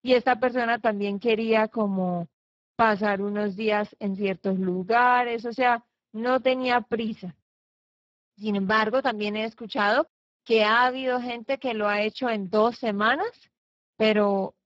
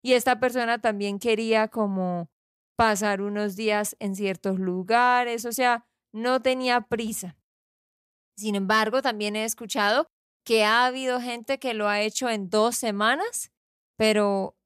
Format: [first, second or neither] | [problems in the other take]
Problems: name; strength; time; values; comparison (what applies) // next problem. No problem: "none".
second | garbled, watery; badly